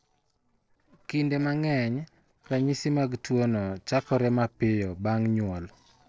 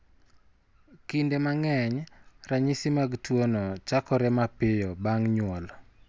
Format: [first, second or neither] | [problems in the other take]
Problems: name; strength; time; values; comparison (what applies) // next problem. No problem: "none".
second | noise reduction (neural separator model SepFormer DNS4)